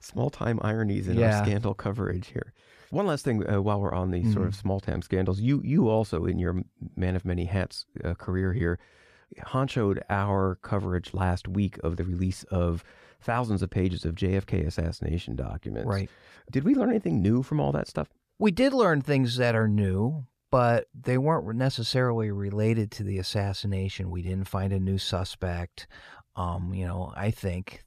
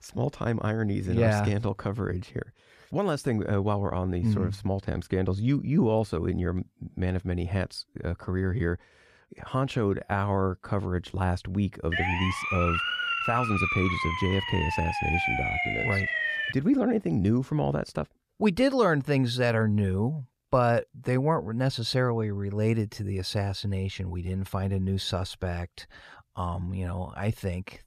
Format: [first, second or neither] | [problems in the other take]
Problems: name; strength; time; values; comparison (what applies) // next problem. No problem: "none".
first | siren; loud; from 12 to 17 s; peak 2 dB above the speech